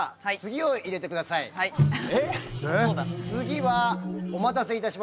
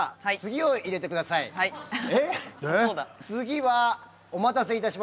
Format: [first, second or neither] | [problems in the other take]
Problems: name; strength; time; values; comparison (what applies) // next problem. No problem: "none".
second | background sound (Microwave oven); 1 dB below the speech